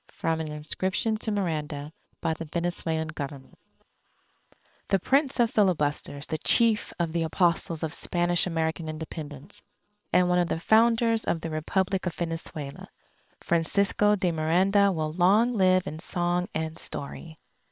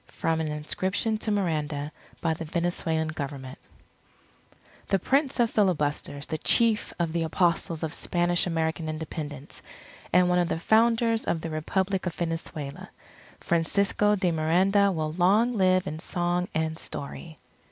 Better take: second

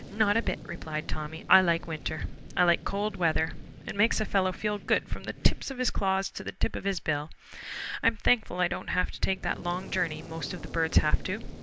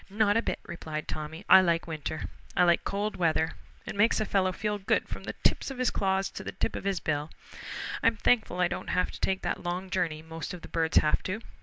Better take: second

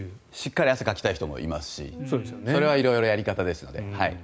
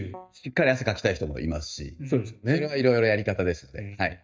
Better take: first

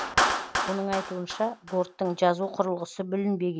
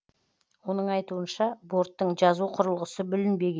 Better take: second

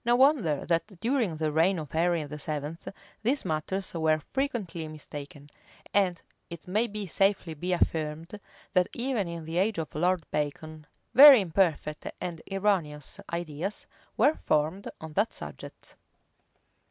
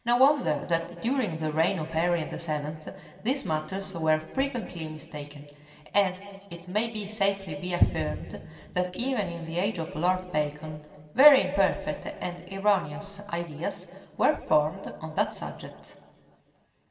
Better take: first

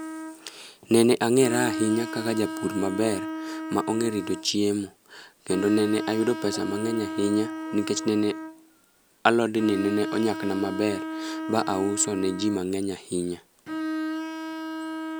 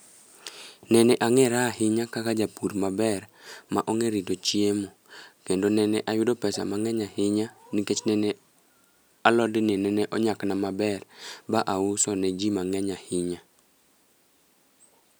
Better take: second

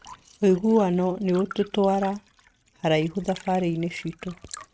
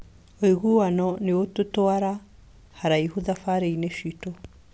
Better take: second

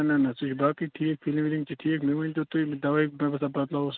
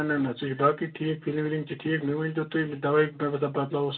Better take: first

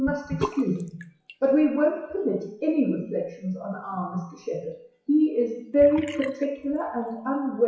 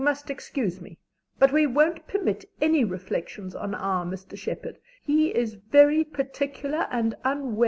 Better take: second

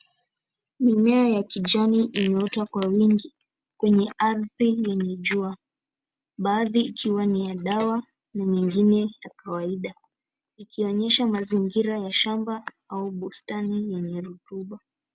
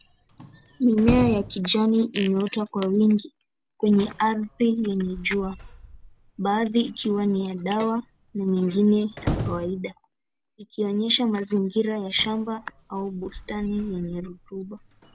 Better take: first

